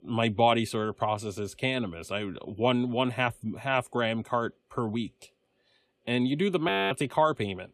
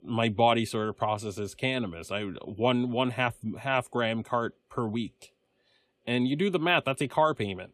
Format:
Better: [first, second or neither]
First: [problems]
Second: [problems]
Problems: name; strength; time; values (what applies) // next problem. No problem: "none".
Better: second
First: audio freezing; at 6.5 s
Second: none